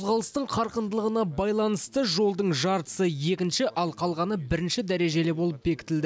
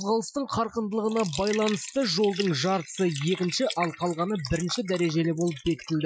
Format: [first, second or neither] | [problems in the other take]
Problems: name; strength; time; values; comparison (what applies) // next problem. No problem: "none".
first | noise reduction (classical method Wiener filter)